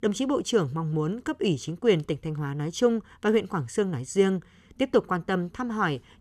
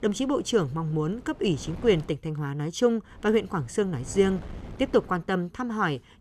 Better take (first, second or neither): first